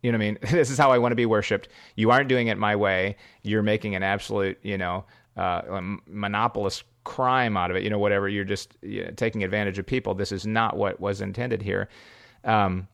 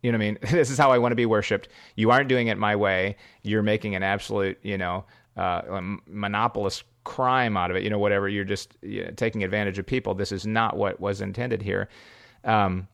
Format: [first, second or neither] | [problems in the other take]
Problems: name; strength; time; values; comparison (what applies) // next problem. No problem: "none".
neither | none